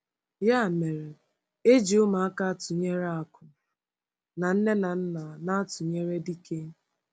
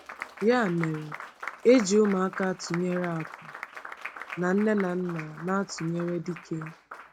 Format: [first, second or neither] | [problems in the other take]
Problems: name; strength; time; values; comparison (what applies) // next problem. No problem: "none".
first | background sound (Applause); 14 dB below the speech